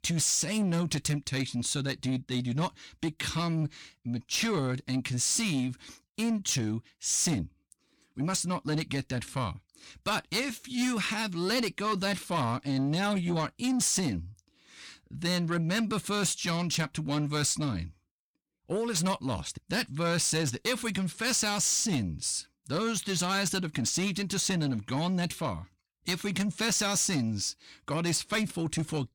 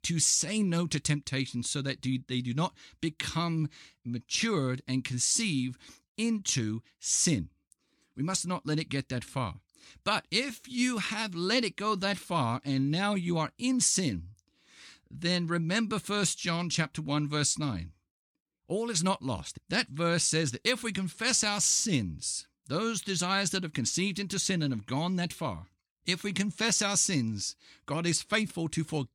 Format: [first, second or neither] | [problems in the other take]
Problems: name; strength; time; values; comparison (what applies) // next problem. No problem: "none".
second | distortion; slight; 10 dB below the speech